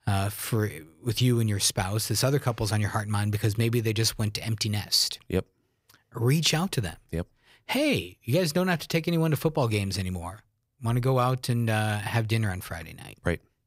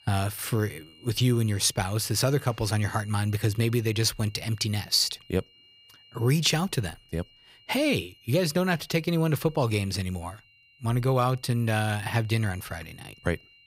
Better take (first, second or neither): first